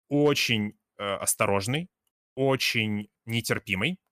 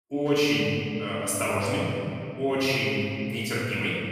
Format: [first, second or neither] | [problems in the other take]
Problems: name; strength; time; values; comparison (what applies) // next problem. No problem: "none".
first | room echo; strong; dies away in 2.6 s // off-mic speech; far